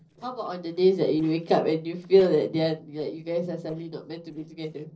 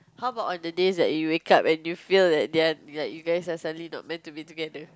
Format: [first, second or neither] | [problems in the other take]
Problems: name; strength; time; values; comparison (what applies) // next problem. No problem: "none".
second | noise reduction (neural separator model SepFormer DNS4)